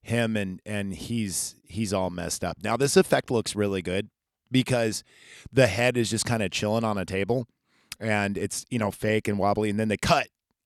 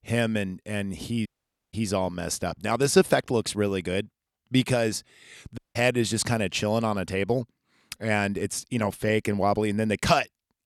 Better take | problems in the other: first | audio cutting out; at 1.5 s and at 5.5 s

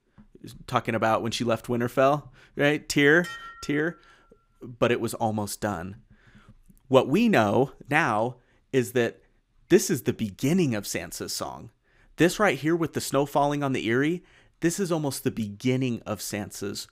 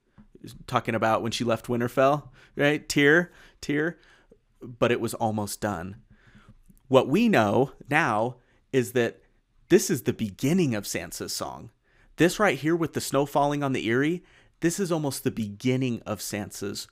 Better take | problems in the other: second | clattering dishes; faint; at 3 s; peak 15 dB below the speech

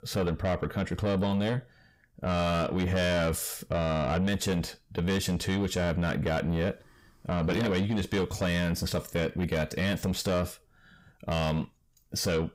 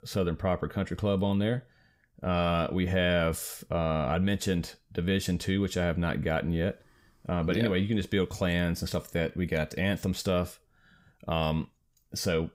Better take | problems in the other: second | distortion; slight; 10 dB below the speech

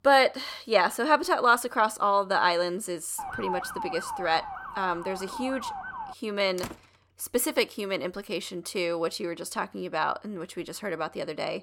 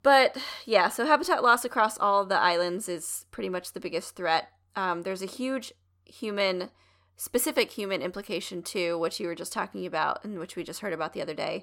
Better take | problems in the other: second | siren; noticeable; from 3 to 6 s; peak 6 dB below the speech // door banging; faint; at 6.5 s; peak 10 dB below the speech

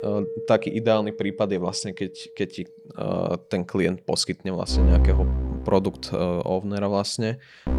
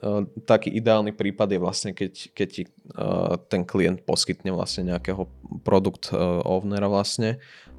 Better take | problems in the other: second | background music; loud; throughout; as loud as the speech; faint in the second

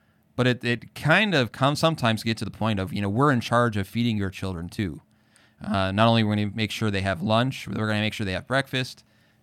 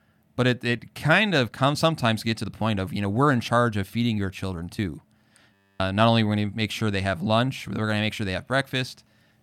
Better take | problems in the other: first | audio freezing; at 5.5 s

